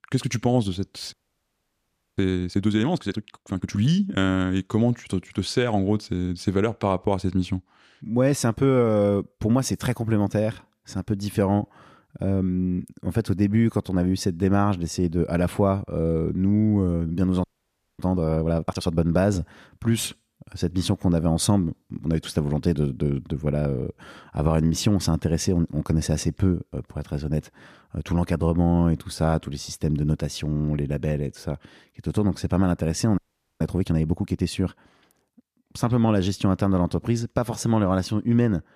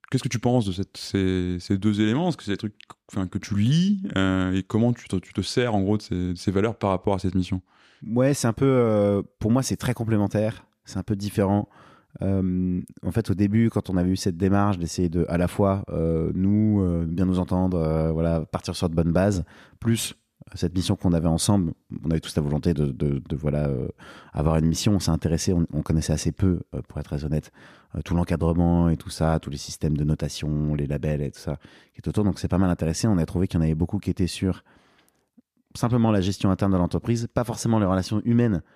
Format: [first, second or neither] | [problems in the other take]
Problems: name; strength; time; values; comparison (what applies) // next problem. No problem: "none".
second | audio freezing; at 1 s for 1 s, at 17 s for 0.5 s and at 33 s